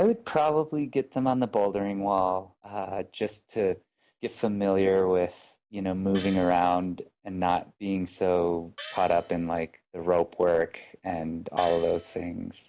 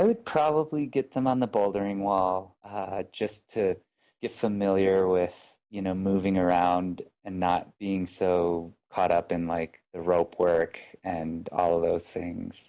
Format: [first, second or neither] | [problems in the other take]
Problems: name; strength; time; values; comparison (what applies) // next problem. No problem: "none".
second | background sound (Gong); 17 dB below the speech